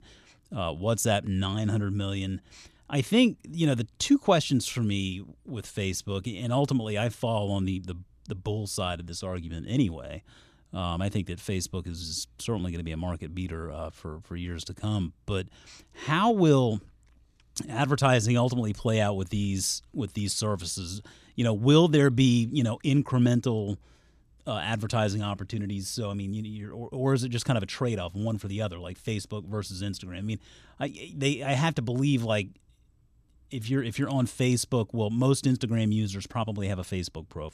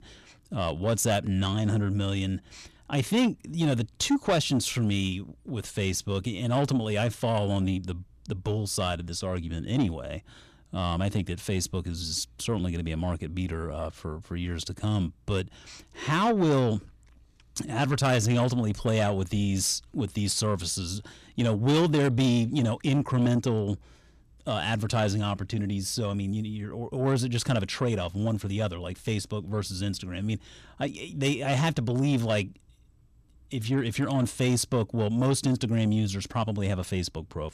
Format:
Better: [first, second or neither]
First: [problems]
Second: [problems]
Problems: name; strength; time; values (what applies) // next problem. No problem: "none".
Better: first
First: none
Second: distortion; slight; 10 dB below the speech